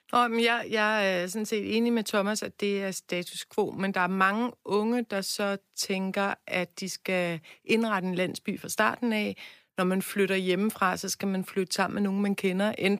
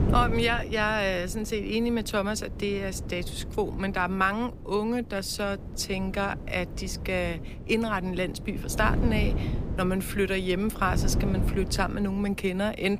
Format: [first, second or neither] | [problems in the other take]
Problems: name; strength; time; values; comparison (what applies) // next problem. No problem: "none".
first | wind noise on the microphone; occasional gusts; 15 dB below the speech